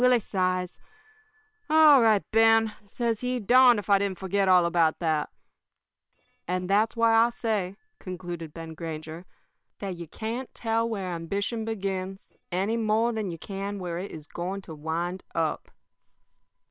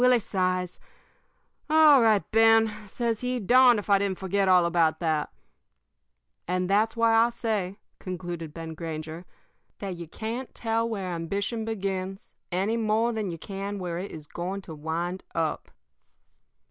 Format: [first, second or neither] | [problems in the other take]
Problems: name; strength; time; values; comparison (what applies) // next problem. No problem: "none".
second | noise reduction (neural separator model SepFormer WHAM!)